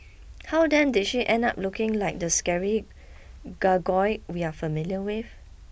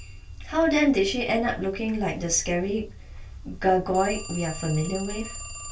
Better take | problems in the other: first | background sound (Telephone); 17 dB below the speech // room echo; dies away in 0.2 s

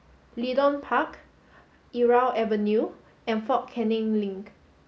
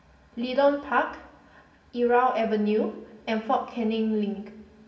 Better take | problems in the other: first | room echo; dies away in 1 s

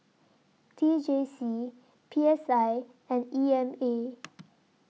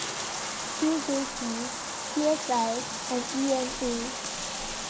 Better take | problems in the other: first | background sound (Bathtub (filling or washing)); 3 dB below the speech

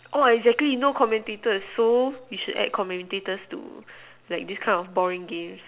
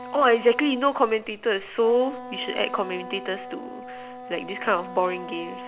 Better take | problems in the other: first | background sound (Wind instrument, woodwind instrument); 14 dB below the speech

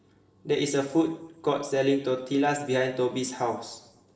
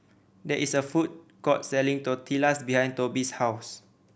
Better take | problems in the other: second | room echo; dies away in 0.7 s

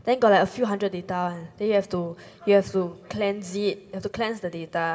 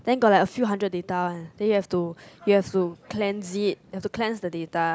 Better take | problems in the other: second | room echo; dies away in 0.9 s

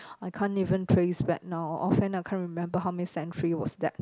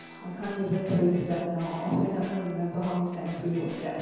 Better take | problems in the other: first | background sound (Guitar); 20 dB below the speech // room echo; dies away in 1.2 s

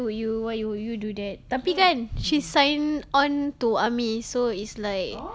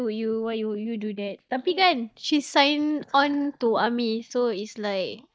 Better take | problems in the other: first | noise reduction (neural mask model DeepFilterNet 3)

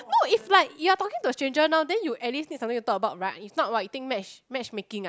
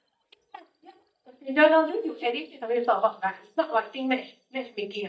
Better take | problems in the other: first | noise reduction (neural mask model DeepFilterNet 3)

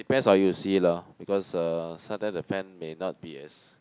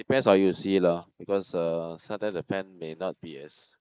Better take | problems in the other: first | noise reduction (neural mask model Resemble Enhance denoiser)

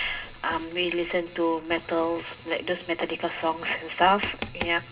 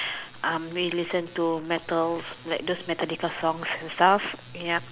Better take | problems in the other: second | background sound (Writing); 15 dB below the speech // room echo; dies away in 0.2 s

